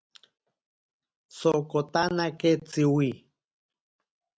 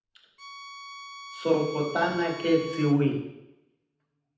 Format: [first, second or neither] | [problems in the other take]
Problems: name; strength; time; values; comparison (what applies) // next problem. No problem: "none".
first | background sound (Bowed string instrument); 14 dB below the speech // room echo; dies away in 0.9 s